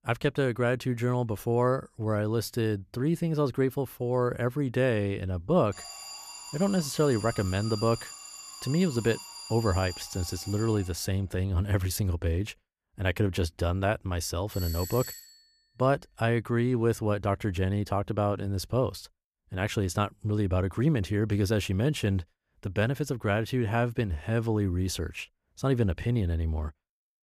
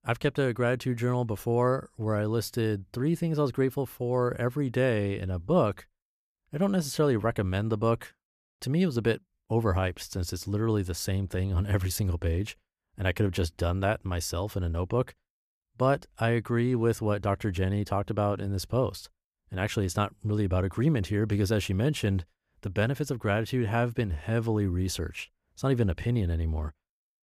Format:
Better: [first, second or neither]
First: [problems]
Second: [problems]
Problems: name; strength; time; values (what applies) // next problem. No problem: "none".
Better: second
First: alarm; noticeable; from 5.5 to 11 s; peak 10 dB below the speech // doorbell; noticeable; at 15 s; peak 9 dB below the speech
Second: none